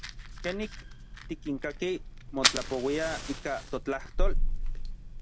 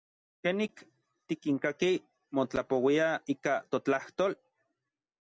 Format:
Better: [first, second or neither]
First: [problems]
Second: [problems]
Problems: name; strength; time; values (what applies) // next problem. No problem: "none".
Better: second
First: background sound (Fire); 4 dB above the speech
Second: none